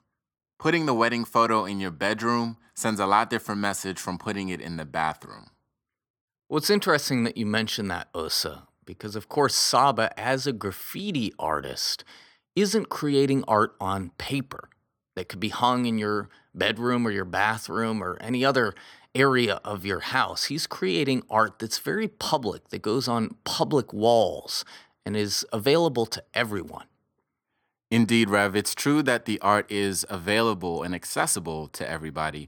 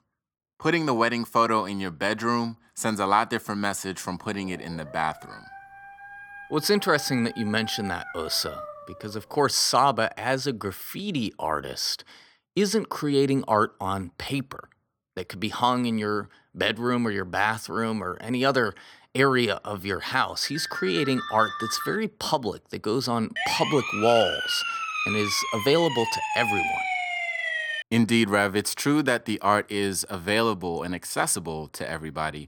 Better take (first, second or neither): first